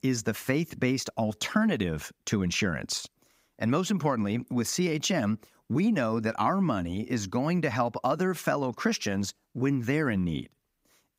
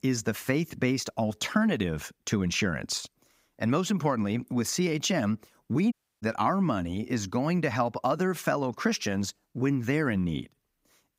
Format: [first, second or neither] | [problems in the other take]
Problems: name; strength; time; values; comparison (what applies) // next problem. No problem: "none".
first | audio cutting out; at 6 s